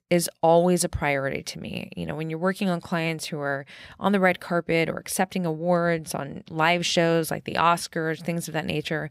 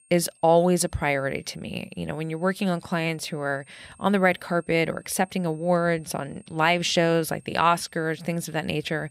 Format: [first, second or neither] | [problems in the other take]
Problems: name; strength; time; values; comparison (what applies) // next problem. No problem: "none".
first | high-pitched whine; faint; throughout; 8.5 kHz, 30 dB below the speech